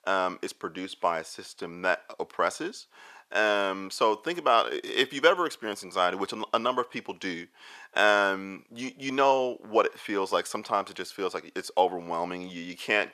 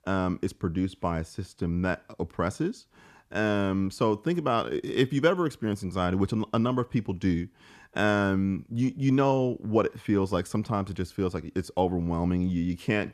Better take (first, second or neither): second